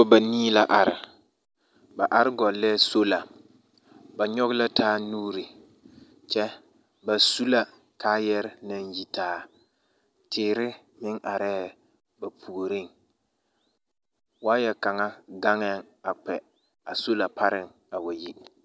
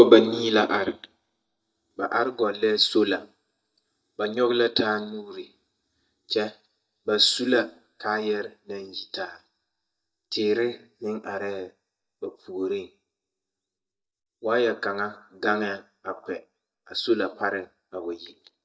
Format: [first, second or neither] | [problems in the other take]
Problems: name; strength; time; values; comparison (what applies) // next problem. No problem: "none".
first | noise reduction (neural mask model DeepFilterNet 3)